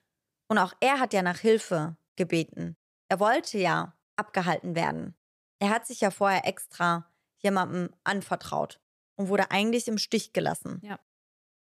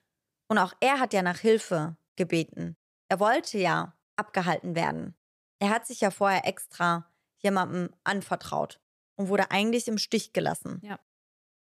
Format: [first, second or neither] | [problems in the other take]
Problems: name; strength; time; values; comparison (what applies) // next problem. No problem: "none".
neither | none